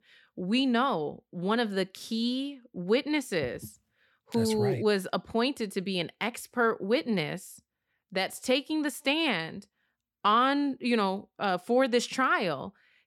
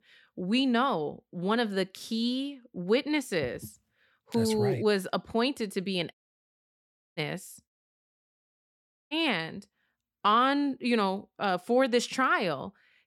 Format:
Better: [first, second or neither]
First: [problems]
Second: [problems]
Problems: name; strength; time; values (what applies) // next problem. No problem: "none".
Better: first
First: none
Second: audio cutting out; at 6 s for 1 s and at 7.5 s for 1.5 s